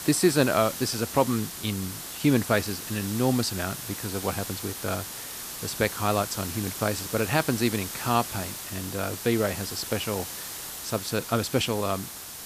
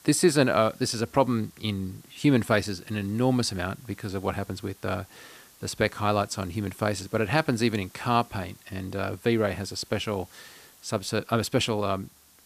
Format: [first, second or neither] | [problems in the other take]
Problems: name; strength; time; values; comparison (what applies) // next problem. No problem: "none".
second | hiss; loud; throughout; 7 dB below the speech; faint in the second